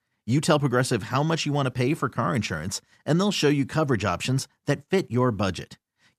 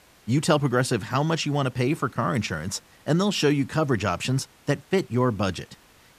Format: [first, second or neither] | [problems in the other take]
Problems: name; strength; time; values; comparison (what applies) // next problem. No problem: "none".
first | hiss; faint; throughout; 30 dB below the speech